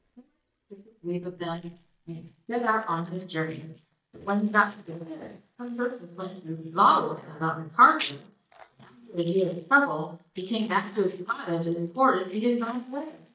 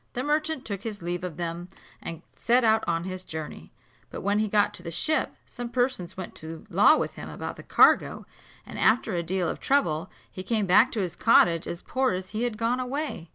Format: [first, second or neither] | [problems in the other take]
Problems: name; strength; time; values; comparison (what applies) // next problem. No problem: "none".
second | noise reduction (neural mask model DeepFilterNet 3)